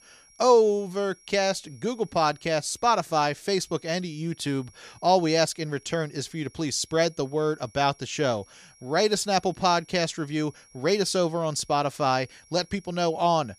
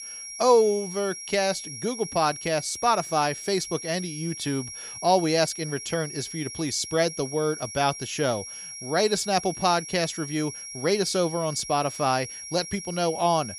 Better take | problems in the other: first | high-pitched whine; loud; throughout; 5.5 kHz, 10 dB below the speech; faint in the first

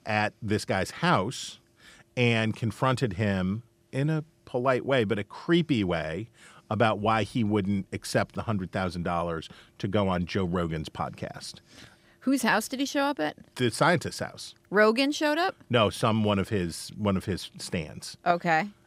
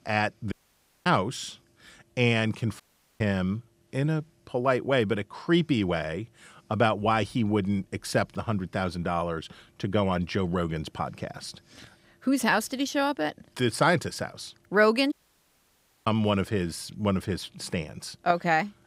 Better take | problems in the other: first | audio cutting out; at 0.5 s for 0.5 s, at 3 s and at 15 s for 1 s

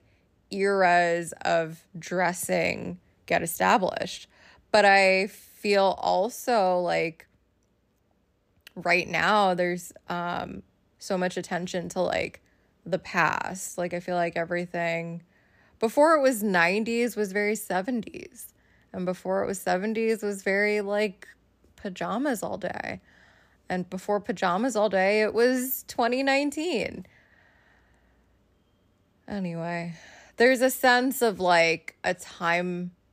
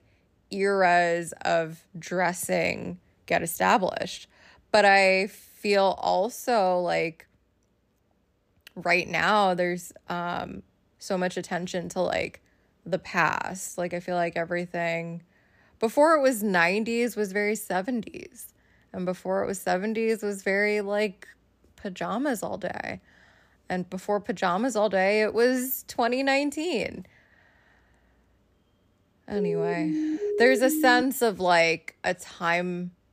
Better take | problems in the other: first | siren; noticeable; from 29 to 31 s; peak 2 dB below the speech

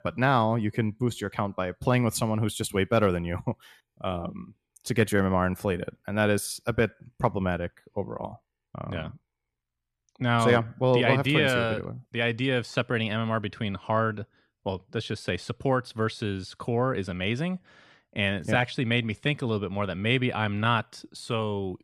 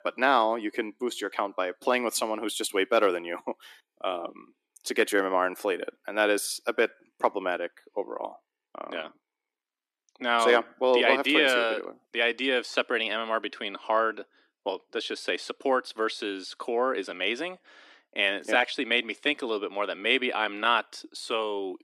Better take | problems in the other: first | thin; somewhat; fading below 300 Hz

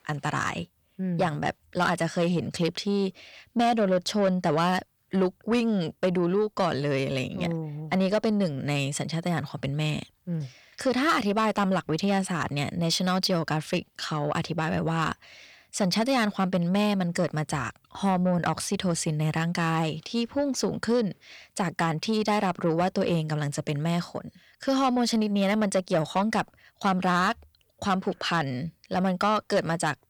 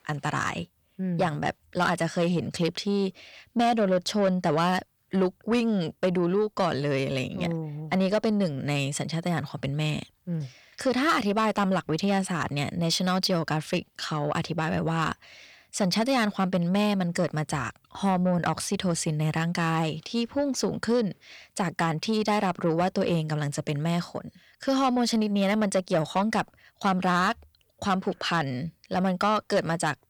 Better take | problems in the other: neither | distortion; slight; 10 dB below the speech; the same in both

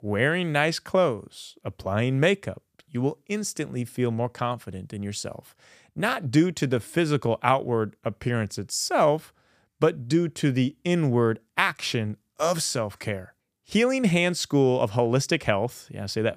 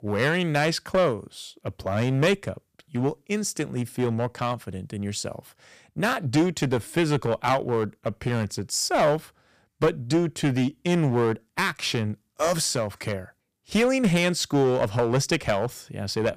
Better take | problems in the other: first | distortion; slight; 6% of the sound clipped

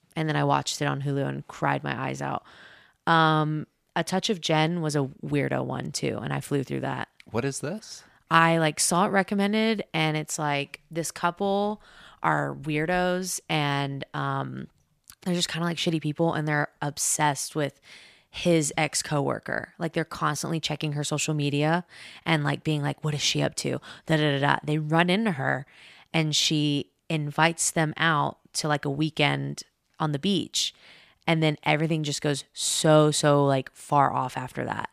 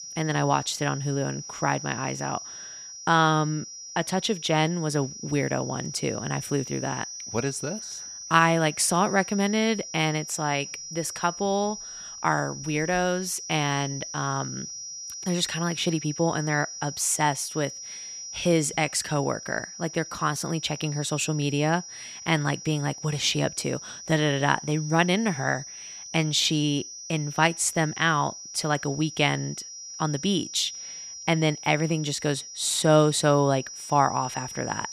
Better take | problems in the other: first | high-pitched whine; noticeable; throughout; 5.5 kHz, 10 dB below the speech

